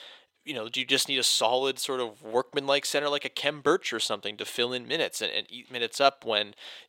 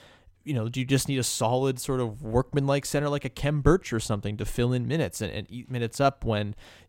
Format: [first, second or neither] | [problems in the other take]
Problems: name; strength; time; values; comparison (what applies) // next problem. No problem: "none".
second | thin; somewhat; fading below 500 Hz